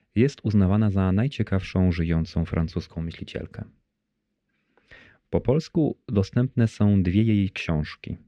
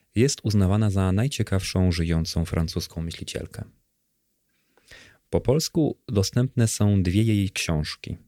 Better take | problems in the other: second | muffled; slightly; fading above 2.5 kHz

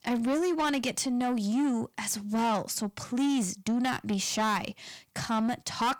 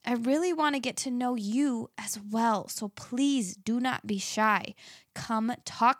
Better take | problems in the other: second | distortion; heavy; 8 dB below the speech

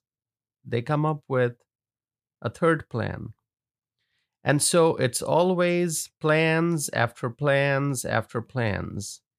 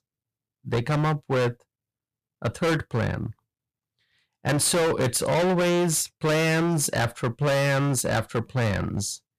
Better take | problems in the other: first | distortion; heavy; 20% of the sound clipped

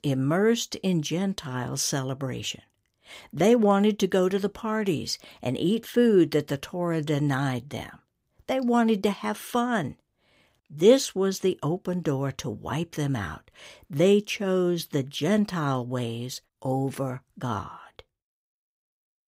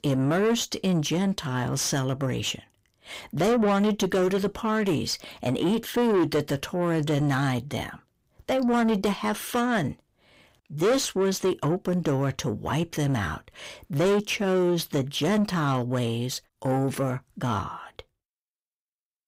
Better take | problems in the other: first | distortion; heavy; 7 dB below the speech

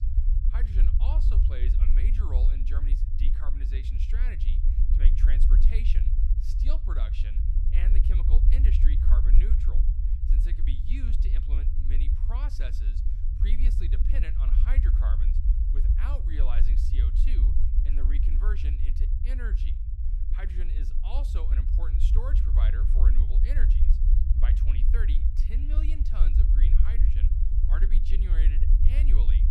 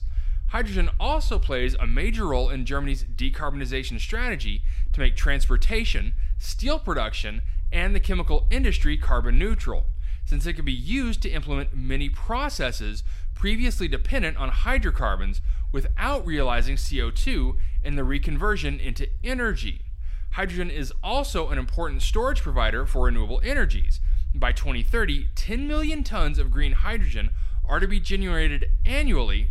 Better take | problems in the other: second | low rumble; loud; throughout; 2 dB below the speech; faint in the second

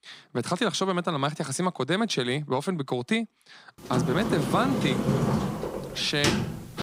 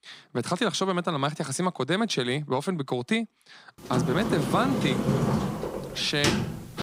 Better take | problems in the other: neither | door banging; loud; from 4 s on; peak 3 dB above the speech; the same in both

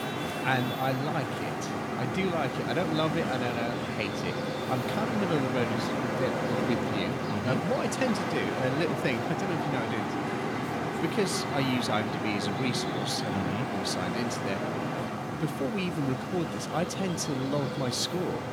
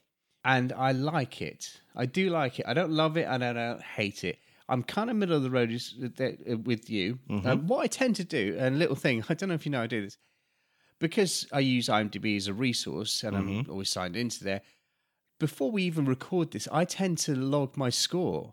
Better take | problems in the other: second | traffic noise; very loud; throughout; as loud as the speech

